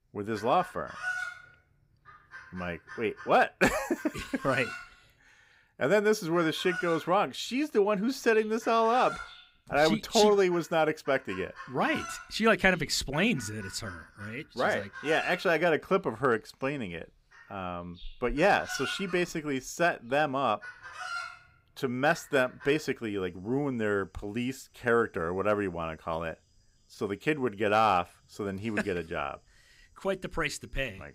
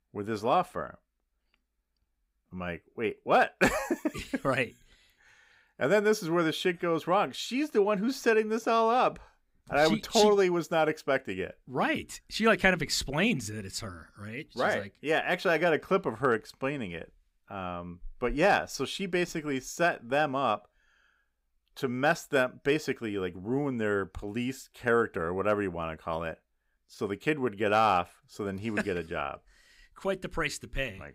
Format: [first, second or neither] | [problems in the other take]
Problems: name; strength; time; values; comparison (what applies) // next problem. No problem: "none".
second | animal sounds; noticeable; throughout; 15 dB below the speech